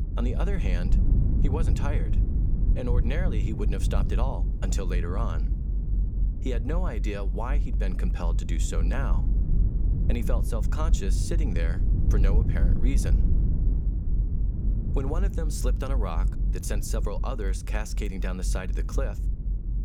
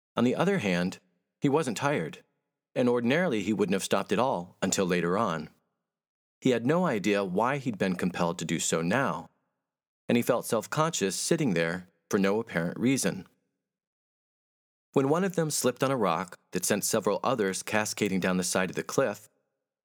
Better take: second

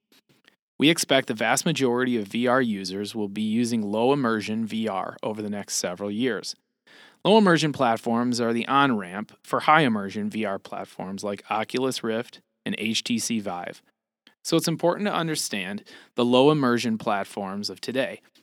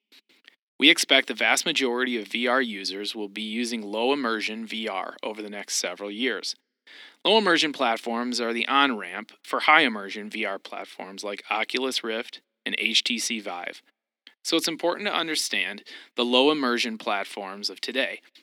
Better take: first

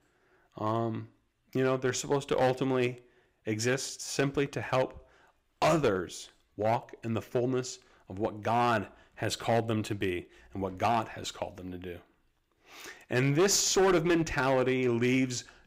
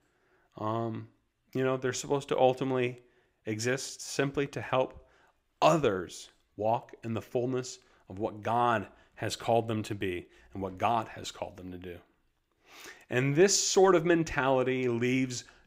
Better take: second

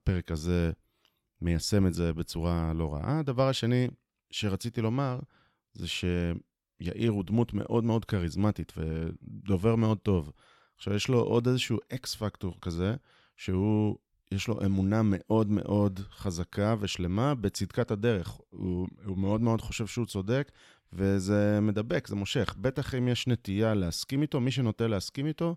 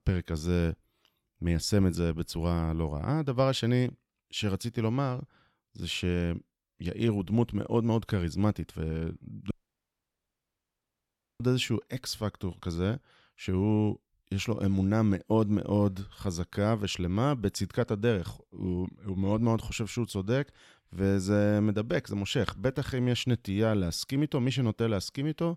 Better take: first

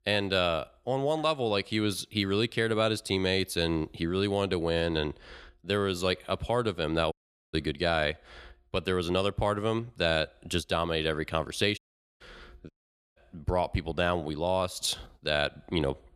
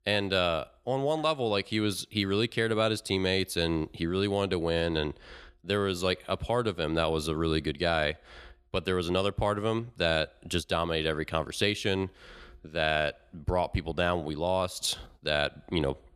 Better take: second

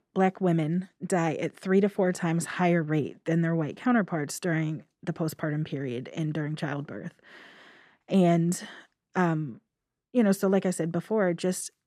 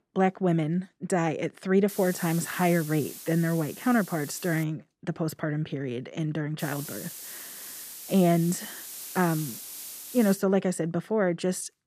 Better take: first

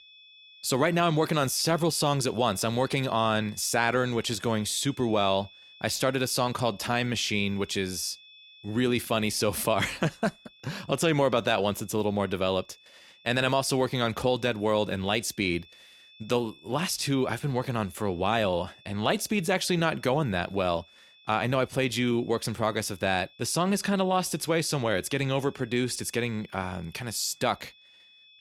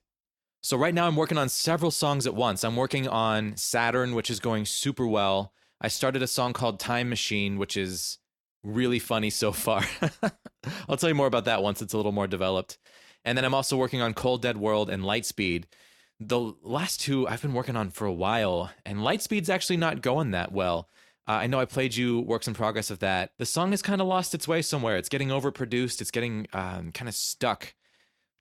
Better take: second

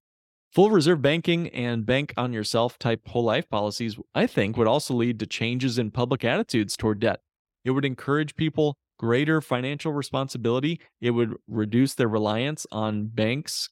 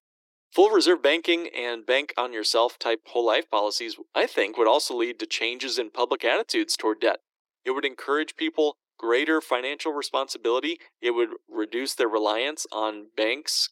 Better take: first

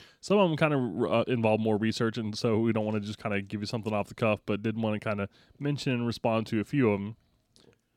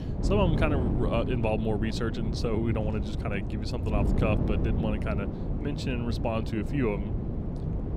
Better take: first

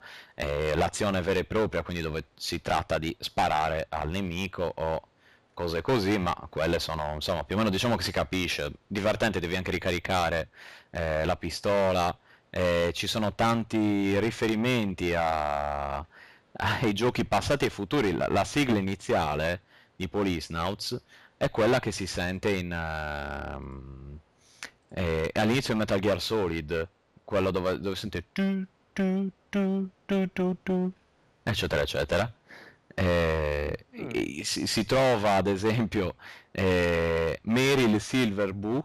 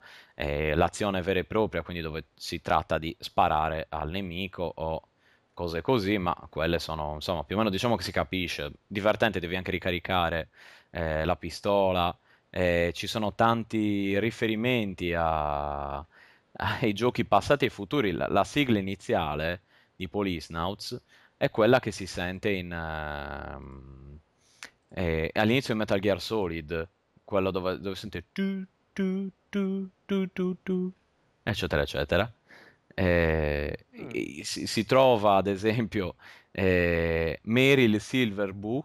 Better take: second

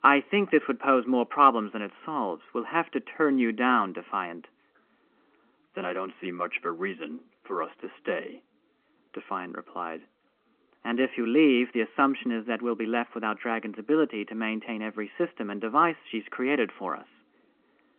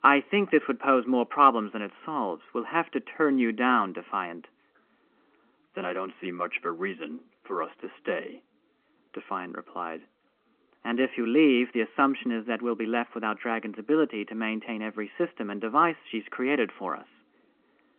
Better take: neither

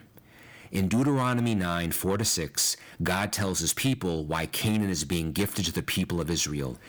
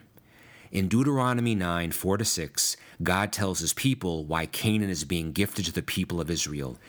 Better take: second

